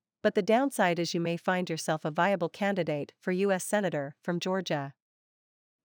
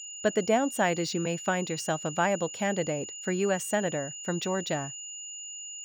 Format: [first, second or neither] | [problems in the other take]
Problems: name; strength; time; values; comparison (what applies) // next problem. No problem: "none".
first | high-pitched whine; loud; throughout; 7 kHz, 9 dB below the speech